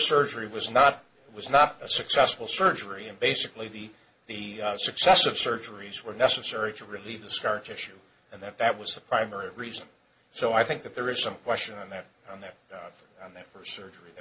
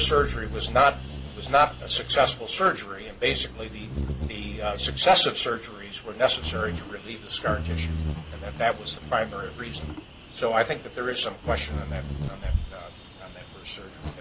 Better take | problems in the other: first | background sound (Bird vocalization, bird call, bird song); 7 dB below the speech

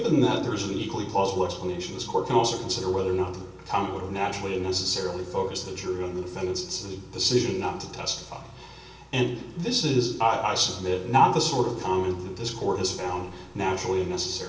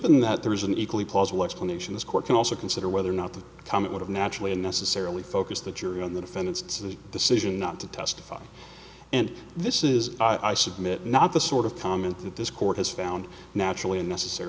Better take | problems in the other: second | room echo; dies away in 0.7 s

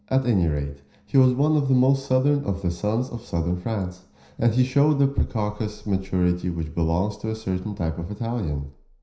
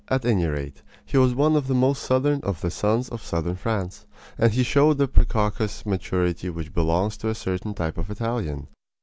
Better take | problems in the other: second | room echo; dies away in 0.5 s

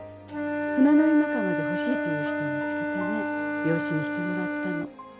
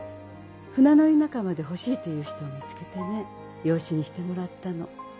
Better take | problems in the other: second | background sound (Wind instrument, woodwind instrument); 1 dB below the speech

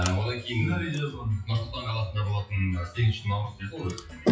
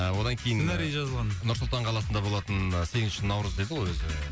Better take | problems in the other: second | noise reduction (classical method WPE with log-MMSE)

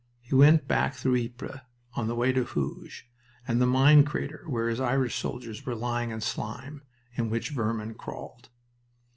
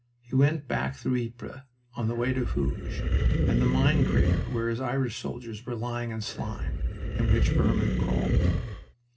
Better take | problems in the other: first | background sound (Animal); 3 dB above the speech // room echo; dies away in 0.4 s

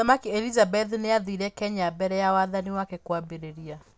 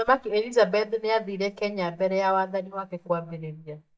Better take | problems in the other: first | noise reduction (neural mask model DeepFilterNet 3)

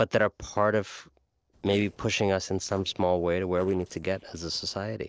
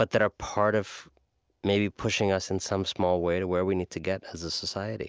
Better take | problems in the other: second | noise reduction (neural separator model SepFormer DNS4)

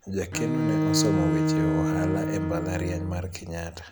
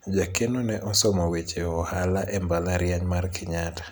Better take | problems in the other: second | background sound (Bowed string instrument); 4 dB above the speech

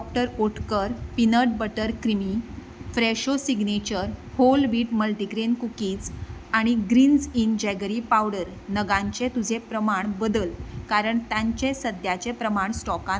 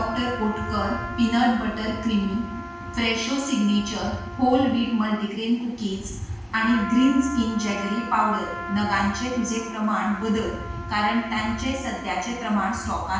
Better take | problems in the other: first | background sound (Trumpet); 12 dB below the speech // room echo; dies away in 0.7 s

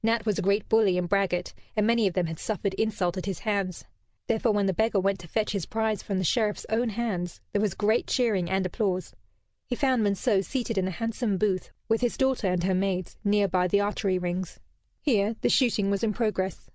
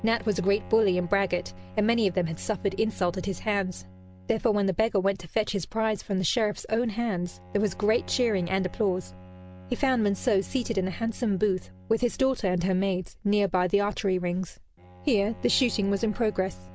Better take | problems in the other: first | background sound (Bowed string instrument); 19 dB below the speech

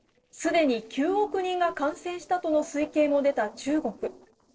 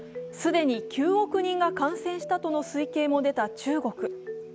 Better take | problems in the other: second | noise reduction (neural separator model SepFormer DNS4)

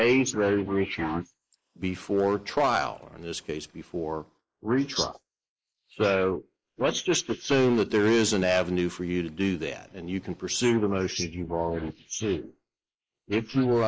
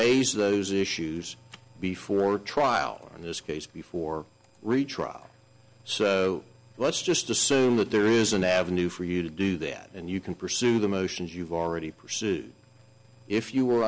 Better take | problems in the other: second | noise reduction (neural mask model Resemble Enhance denoiser)

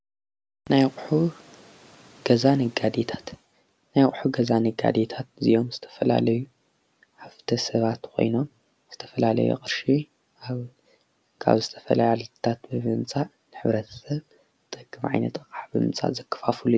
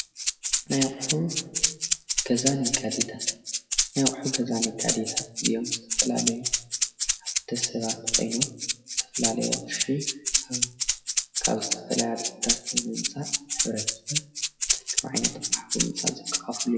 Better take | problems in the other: first | noise reduction (classical method WPE with log-MMSE)

